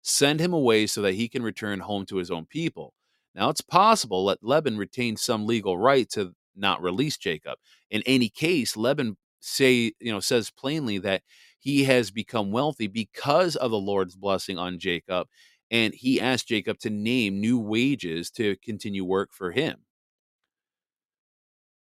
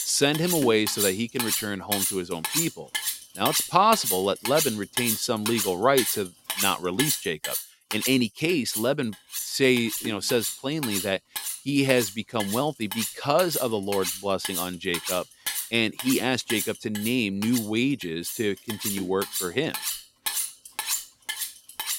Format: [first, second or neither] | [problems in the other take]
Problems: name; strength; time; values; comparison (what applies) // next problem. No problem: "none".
first | household noises; loud; throughout; 4 dB below the speech